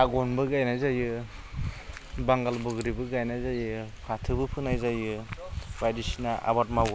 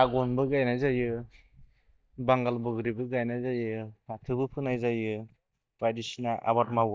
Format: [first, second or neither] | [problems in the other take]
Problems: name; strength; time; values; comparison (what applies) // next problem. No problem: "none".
first | noise reduction (neural mask model DeepFilterNet 3)